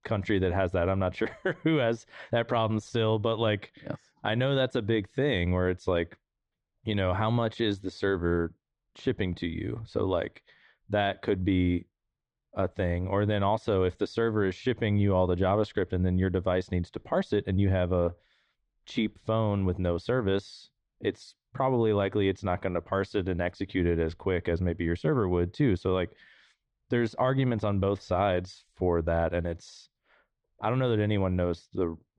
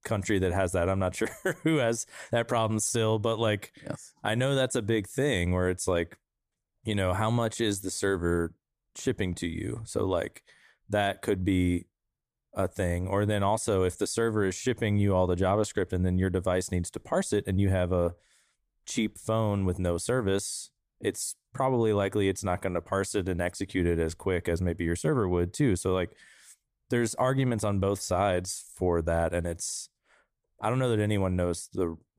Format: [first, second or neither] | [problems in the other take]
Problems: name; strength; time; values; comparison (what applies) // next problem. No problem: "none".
second | muffled; slightly; fading above 4 kHz